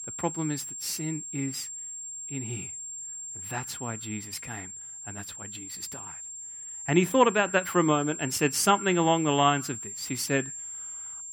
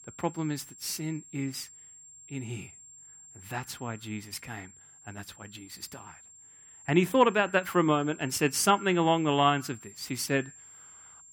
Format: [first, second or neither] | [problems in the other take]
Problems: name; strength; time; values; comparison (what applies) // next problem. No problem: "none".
second | high-pitched whine; loud; throughout; 7.5 kHz, 9 dB below the speech; faint in the second